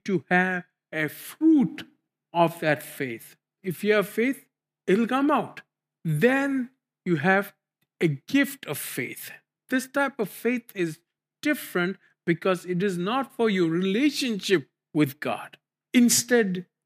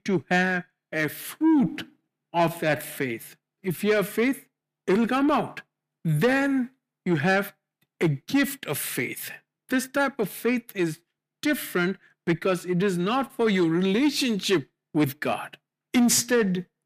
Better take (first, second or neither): first